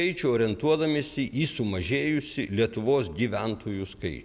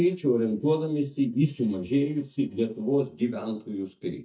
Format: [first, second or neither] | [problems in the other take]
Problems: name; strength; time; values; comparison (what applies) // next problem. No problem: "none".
first | noise reduction (neural mask model DeepFilterNet 3)